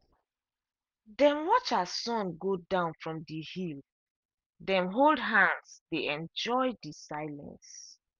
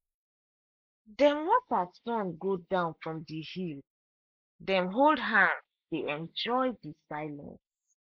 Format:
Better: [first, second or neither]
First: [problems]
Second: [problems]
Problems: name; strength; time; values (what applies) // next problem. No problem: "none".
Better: first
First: none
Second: noise reduction (neural mask model Resemble Enhance denoiser)